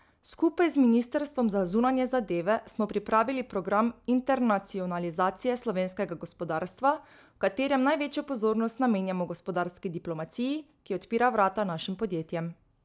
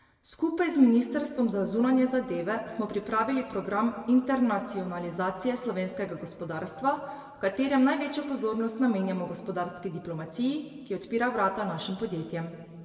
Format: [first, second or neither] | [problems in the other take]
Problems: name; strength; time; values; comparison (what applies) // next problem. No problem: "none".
first | room echo; dies away in 1.9 s